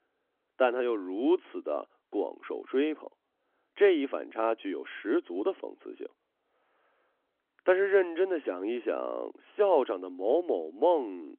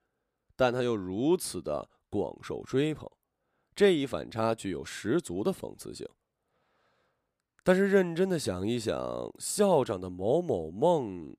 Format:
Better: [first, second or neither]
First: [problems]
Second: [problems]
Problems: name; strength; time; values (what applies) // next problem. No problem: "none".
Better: second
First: phone-call audio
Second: none